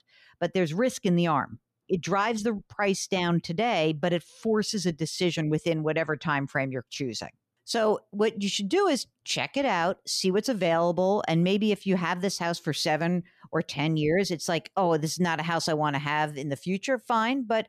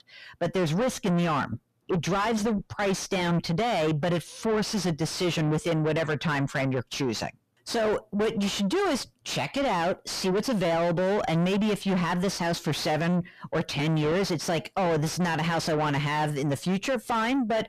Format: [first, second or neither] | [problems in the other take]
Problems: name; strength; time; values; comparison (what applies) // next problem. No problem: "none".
first | distortion; heavy; 6 dB below the speech